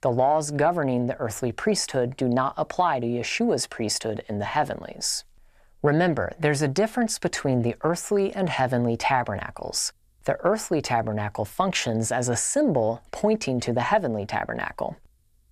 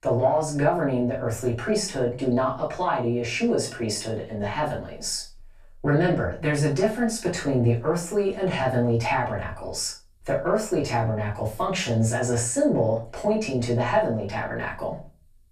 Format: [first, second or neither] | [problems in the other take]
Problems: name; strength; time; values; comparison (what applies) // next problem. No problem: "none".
first | off-mic speech; far // room echo; slight; dies away in 0.3 s